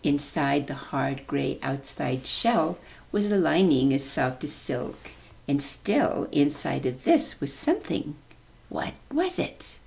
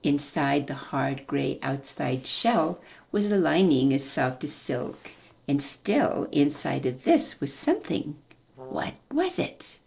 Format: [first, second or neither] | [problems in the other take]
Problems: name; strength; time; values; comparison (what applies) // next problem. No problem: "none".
first | noise reduction (neural separator model SepFormer DNS4)